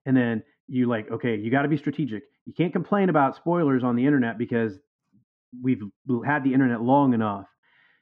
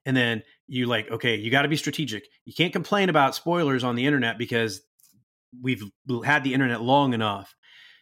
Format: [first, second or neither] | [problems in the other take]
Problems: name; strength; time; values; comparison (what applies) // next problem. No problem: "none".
second | muffled; very; fading above 1 kHz